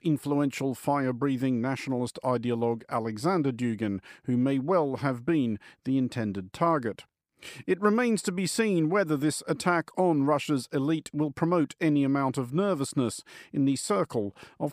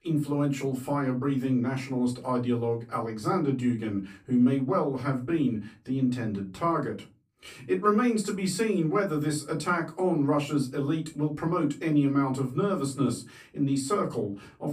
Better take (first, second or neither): first